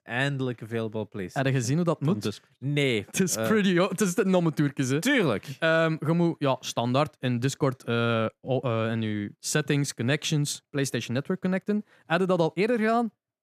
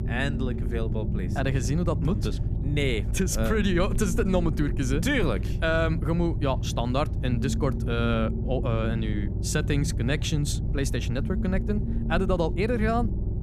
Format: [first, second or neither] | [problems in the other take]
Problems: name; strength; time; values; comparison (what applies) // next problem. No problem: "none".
first | low rumble; noticeable; throughout; 10 dB below the speech